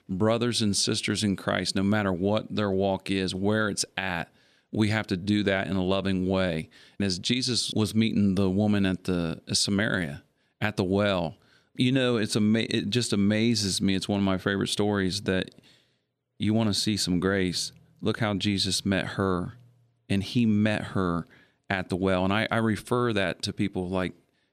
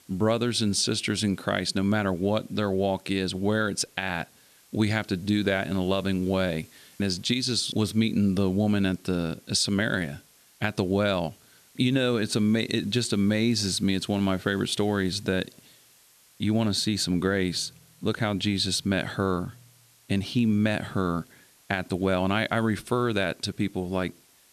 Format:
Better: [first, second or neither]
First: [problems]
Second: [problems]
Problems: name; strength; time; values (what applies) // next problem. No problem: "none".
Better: first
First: none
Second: hiss; faint; throughout; 30 dB below the speech